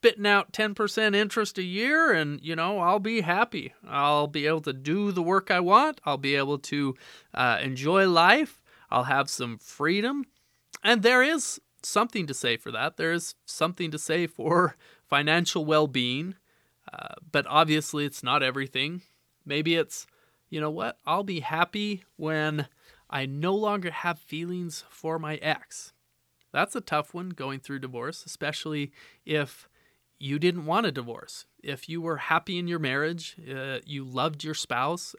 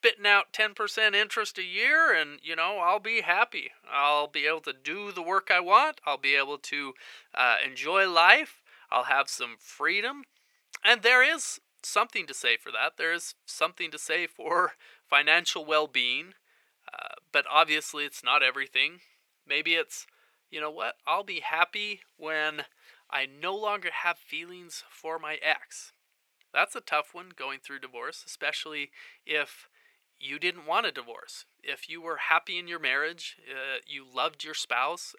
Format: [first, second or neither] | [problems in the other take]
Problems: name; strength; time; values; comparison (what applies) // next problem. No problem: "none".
first | thin; very; fading below 600 Hz